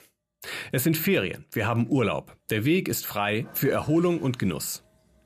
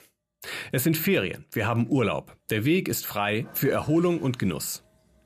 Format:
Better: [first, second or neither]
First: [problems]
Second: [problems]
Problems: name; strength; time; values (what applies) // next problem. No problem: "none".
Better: neither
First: household noises; faint; throughout; 25 dB below the speech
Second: household noises; faint; throughout; 25 dB below the speech